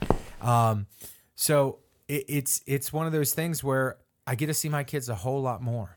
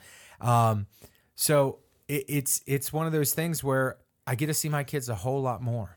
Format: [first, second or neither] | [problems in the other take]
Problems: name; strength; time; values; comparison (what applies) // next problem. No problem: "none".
second | footsteps; noticeable; at the start; peak 3 dB below the speech // clattering dishes; faint; at 1 s; peak 20 dB below the speech